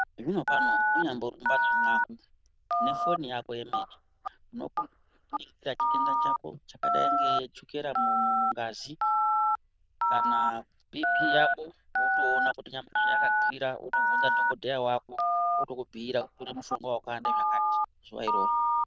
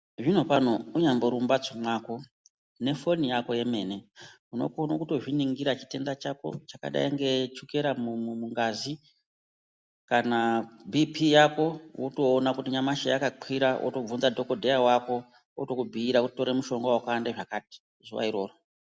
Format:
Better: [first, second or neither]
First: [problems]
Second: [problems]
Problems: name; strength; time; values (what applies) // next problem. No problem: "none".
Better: second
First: noise reduction (neural diffusion model UNIVERSE++)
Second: none